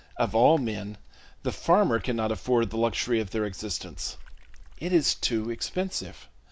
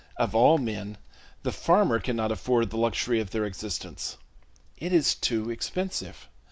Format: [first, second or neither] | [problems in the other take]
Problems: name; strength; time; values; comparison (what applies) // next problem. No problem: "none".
second | background sound (Water / Splash, splatter); 14 dB below the speech